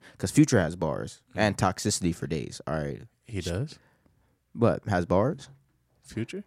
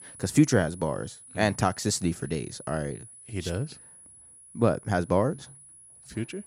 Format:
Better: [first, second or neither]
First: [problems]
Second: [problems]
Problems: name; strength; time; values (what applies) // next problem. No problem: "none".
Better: first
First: none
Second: high-pitched whine; noticeable; throughout; 10.5 kHz, 20 dB below the speech